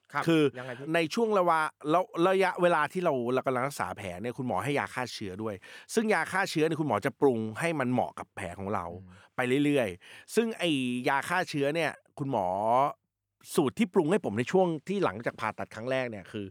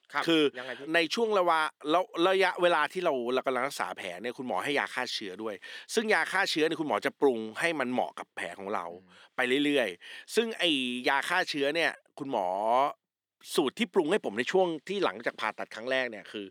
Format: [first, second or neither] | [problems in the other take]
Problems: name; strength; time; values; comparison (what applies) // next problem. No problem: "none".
first | thin; very slightly; fading below 300 Hz